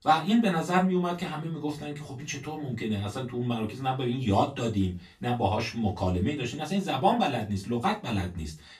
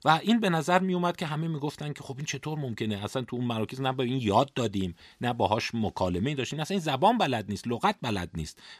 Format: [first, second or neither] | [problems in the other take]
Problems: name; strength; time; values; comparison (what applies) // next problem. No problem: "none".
second | off-mic speech; far // room echo; very slight; dies away in 0.2 s